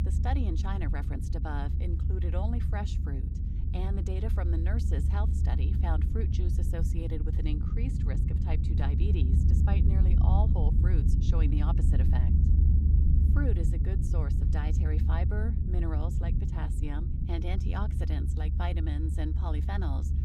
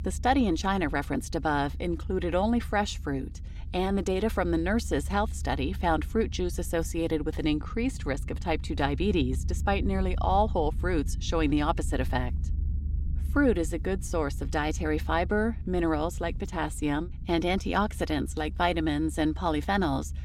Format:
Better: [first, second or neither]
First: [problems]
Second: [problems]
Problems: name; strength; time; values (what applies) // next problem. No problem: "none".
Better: second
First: low rumble; loud; throughout; 2 dB below the speech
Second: low rumble; faint; throughout; 25 dB below the speech